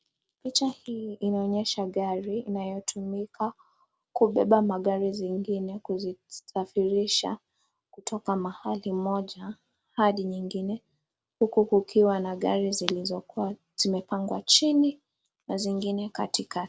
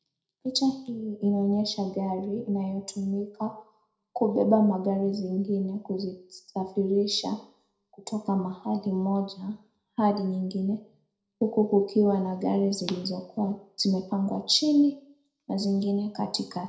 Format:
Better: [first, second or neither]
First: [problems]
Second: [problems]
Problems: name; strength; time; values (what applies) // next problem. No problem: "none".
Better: first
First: none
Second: room echo; dies away in 0.5 s